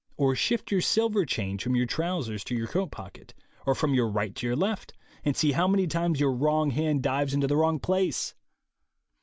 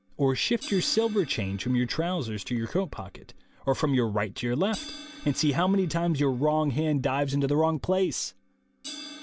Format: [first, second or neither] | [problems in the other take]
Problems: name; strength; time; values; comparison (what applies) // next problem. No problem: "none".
first | background sound (Crash cymbal); 20 dB below the speech